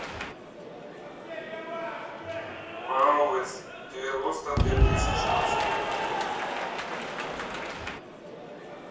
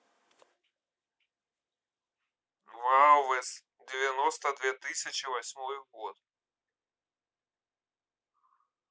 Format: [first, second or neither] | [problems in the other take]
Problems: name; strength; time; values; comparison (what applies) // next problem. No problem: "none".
second | background sound (Applause / Cheering); 3 dB above the speech // room echo; dies away in 0.6 s